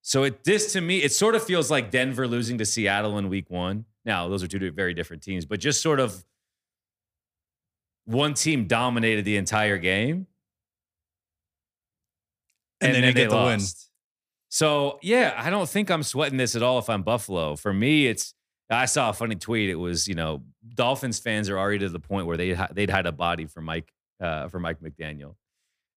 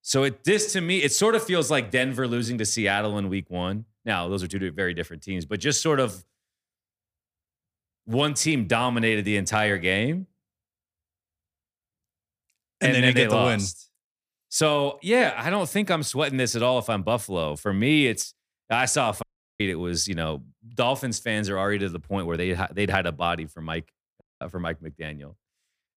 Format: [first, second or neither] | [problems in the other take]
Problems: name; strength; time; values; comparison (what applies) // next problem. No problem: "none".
first | audio cutting out; at 19 s and at 24 s